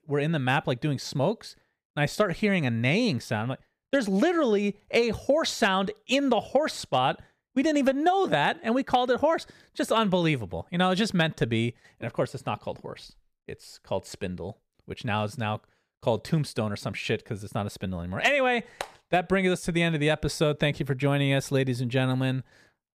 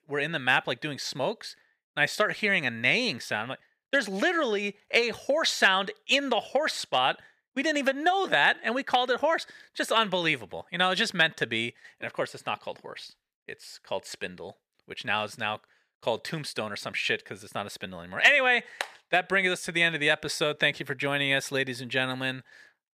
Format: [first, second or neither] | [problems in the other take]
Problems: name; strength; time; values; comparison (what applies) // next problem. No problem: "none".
first | thin; somewhat; fading below 1 kHz